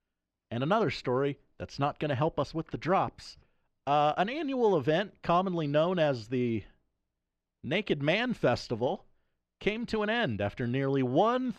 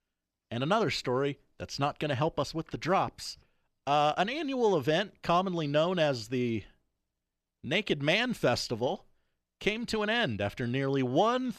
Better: second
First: muffled; very slightly; fading above 2 kHz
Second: none

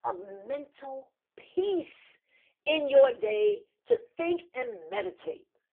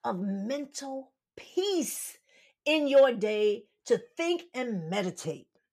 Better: second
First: phone-call audio; poor line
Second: none

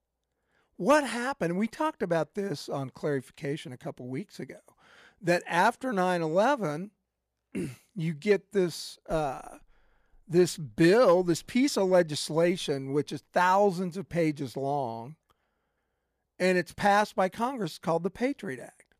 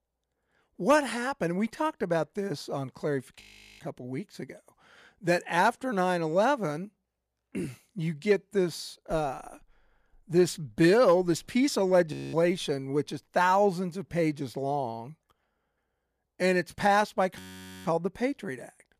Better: first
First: none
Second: audio freezing; at 3.5 s, at 12 s and at 17 s

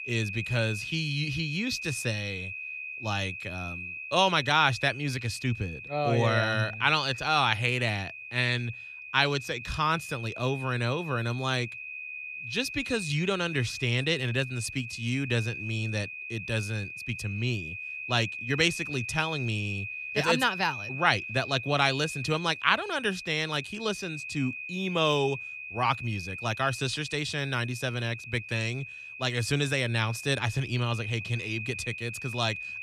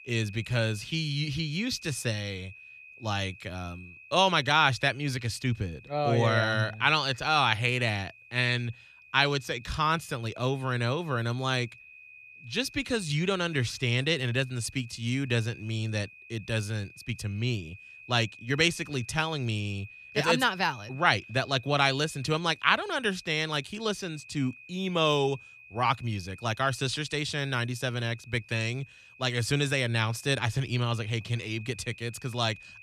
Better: second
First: high-pitched whine; loud; throughout; 2.5 kHz, 8 dB below the speech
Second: high-pitched whine; faint; throughout; 2.5 kHz, 20 dB below the speech

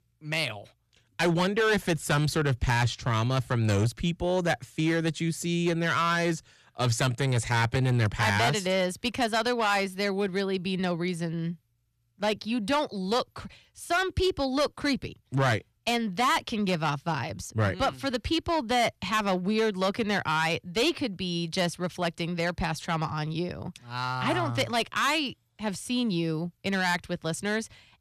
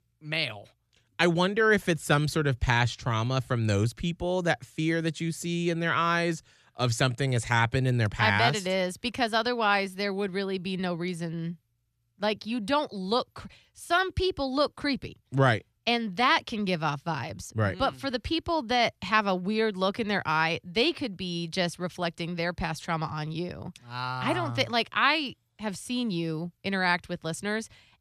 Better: second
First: distortion; slight; 6% of the sound clipped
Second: none

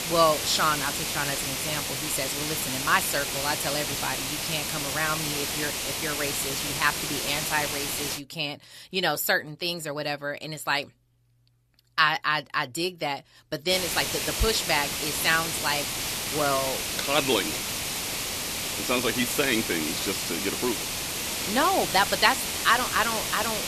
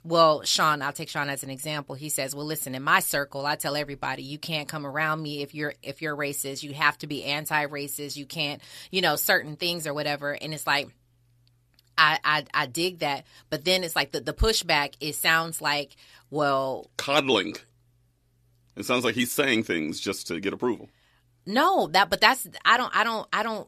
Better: second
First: hiss; loud; until 8 s and from 14 s on; 1 dB below the speech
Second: none

